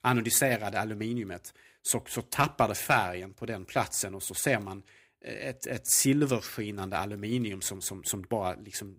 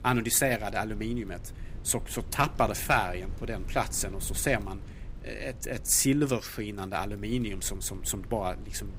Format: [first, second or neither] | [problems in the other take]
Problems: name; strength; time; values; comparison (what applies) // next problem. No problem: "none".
first | wind noise on the microphone; occasional gusts; 25 dB below the speech